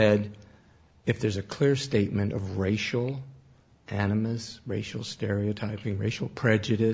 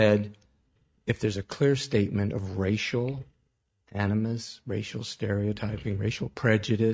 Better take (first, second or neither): first